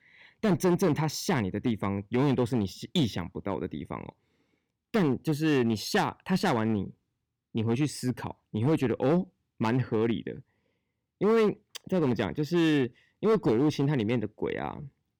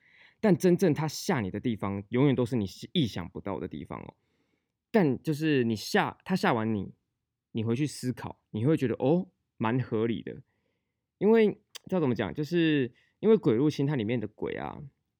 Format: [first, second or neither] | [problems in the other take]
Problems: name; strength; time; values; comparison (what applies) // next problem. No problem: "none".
second | distortion; slight; 6% of the sound clipped